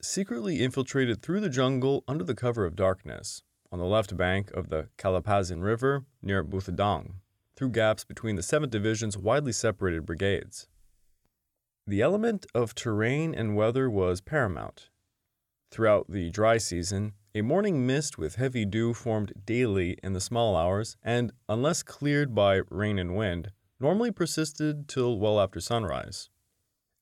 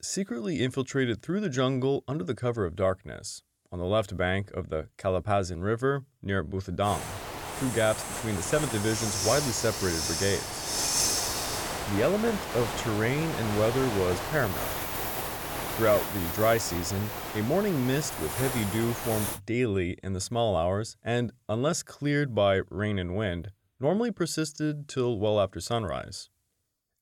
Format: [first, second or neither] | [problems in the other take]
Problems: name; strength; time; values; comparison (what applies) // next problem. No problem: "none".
first | hiss; loud; from 7 to 19 s; 2 dB below the speech